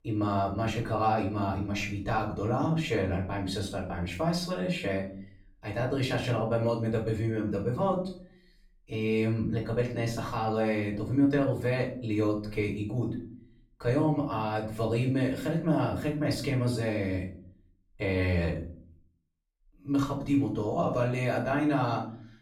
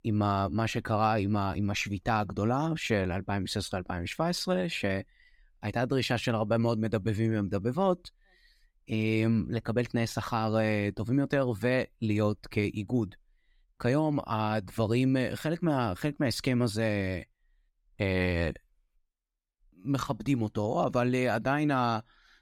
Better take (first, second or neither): second